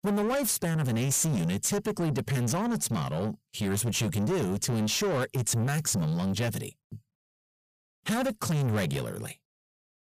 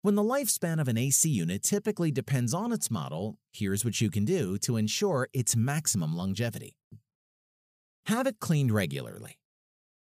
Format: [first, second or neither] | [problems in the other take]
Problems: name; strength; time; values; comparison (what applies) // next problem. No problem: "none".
second | distortion; heavy; 8 dB below the speech